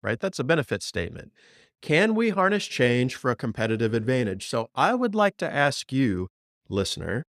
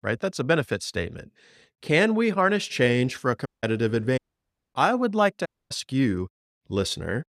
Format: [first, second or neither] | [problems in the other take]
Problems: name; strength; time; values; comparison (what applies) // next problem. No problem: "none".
first | audio cutting out; at 3.5 s, at 4 s for 0.5 s and at 5.5 s